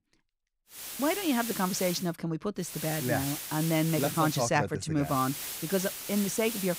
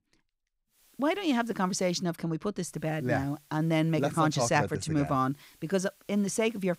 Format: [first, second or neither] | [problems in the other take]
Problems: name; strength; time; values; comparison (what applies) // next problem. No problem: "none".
second | hiss; loud; from 1 to 2 s, from 2.5 to 4.5 s and from 5 s on; 6 dB below the speech; faint in the second